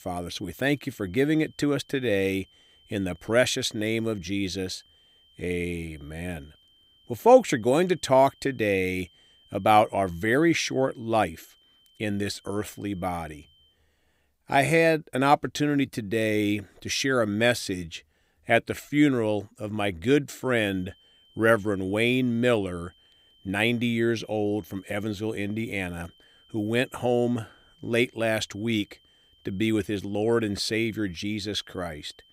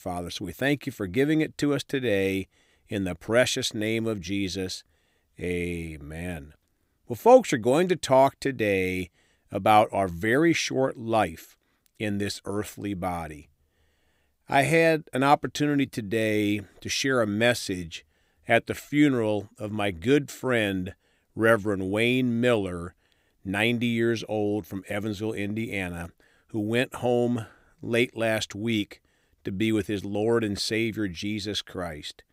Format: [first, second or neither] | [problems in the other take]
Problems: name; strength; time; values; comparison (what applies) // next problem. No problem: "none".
second | high-pitched whine; faint; until 14 s and from 20 s on; 3 kHz, 30 dB below the speech